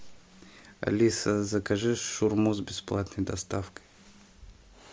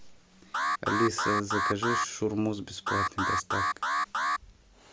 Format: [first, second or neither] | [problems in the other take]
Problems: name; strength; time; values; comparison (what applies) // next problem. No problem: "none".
first | background sound (Alarm); 4 dB above the speech